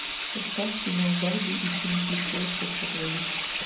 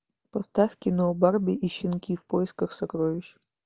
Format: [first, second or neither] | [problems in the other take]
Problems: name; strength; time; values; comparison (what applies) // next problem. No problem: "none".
second | background sound (Sink (filling or washing) / Water tap, faucet); as loud as the speech // room echo; dies away in 0.5 s